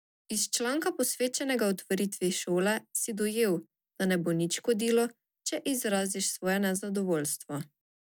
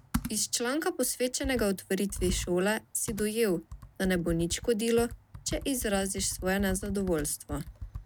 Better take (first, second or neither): first